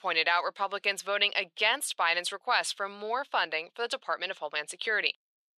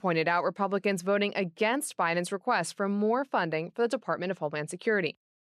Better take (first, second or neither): second